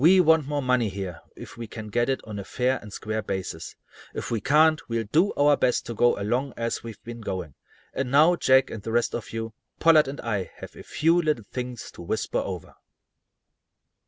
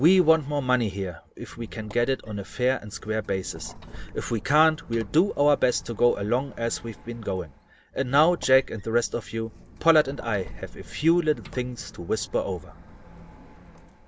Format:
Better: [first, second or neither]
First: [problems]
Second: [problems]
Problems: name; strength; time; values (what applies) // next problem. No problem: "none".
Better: first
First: none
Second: background sound (Squeak); 18 dB below the speech